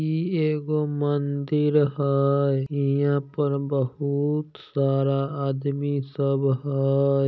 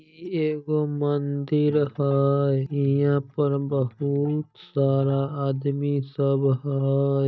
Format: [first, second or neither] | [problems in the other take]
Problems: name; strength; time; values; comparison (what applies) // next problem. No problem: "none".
first | noise reduction (neural mask model DeepFilterNet 3)